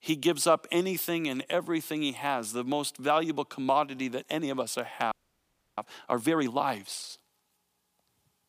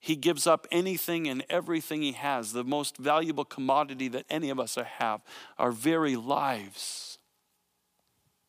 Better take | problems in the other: second | audio freezing; at 5 s for 0.5 s

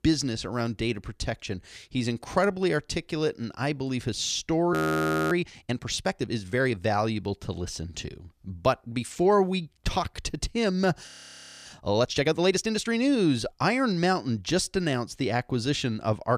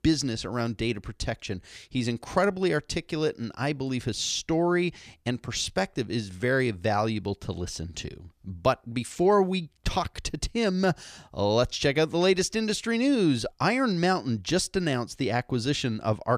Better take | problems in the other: second | audio freezing; at 4.5 s for 0.5 s and at 11 s for 0.5 s

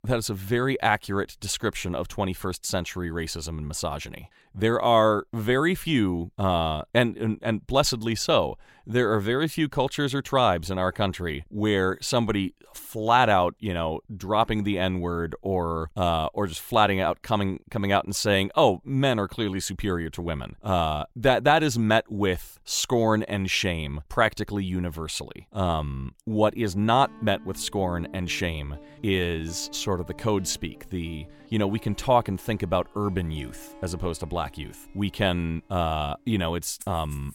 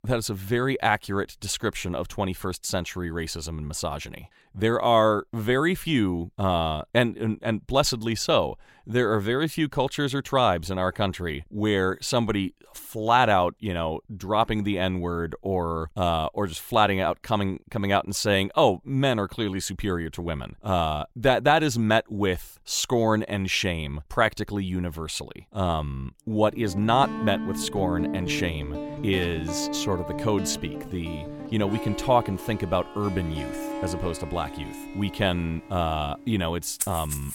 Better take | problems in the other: first | background music; loud; from 27 s on; 8 dB below the speech; faint in the first

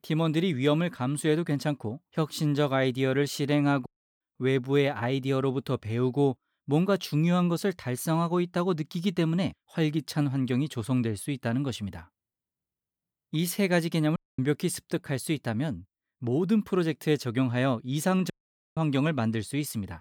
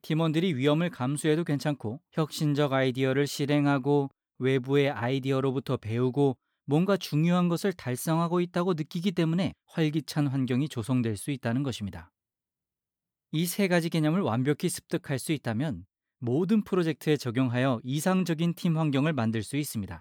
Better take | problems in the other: second | audio cutting out; at 4 s, at 14 s and at 18 s

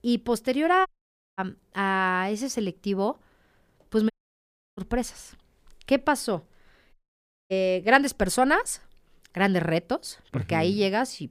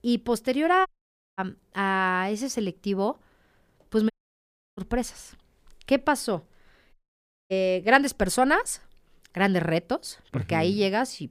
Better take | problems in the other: neither | audio cutting out; at 1 s for 0.5 s, at 4 s for 0.5 s and at 7 s for 0.5 s; the same in both

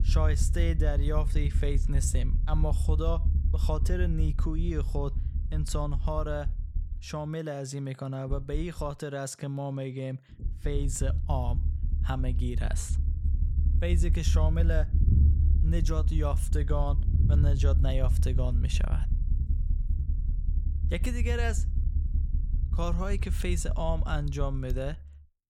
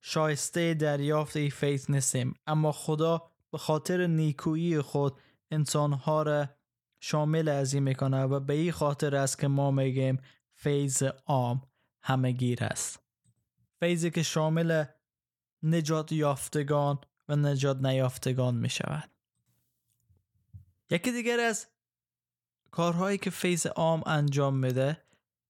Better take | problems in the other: second | low rumble; noticeable; throughout; 10 dB below the speech

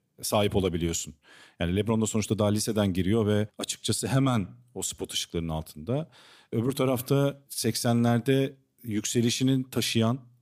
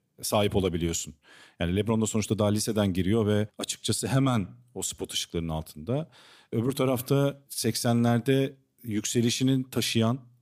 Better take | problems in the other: neither | none

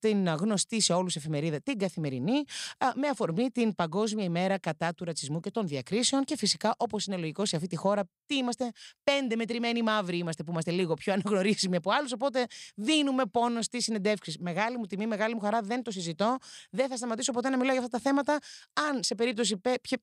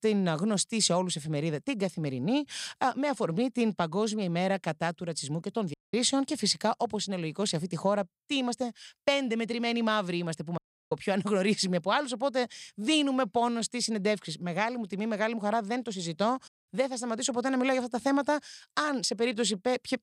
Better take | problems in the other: first | audio cutting out; at 5.5 s, at 11 s and at 16 s

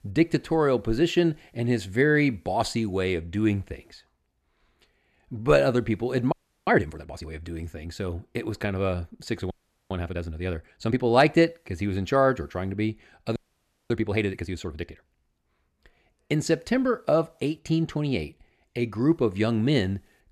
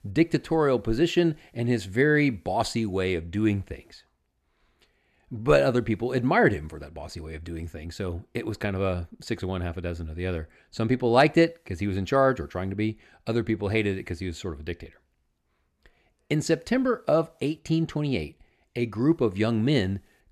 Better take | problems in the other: second | audio freezing; at 6.5 s, at 9.5 s and at 13 s for 0.5 s

